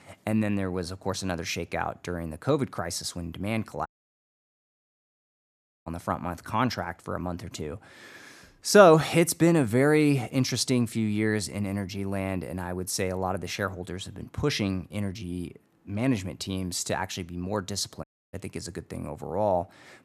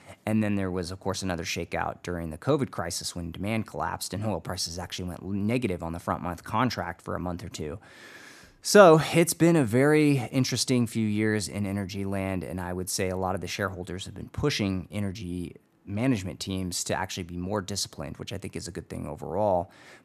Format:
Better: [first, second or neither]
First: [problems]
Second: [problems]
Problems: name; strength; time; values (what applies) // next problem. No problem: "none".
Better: second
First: audio cutting out; at 4 s for 2 s and at 18 s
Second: none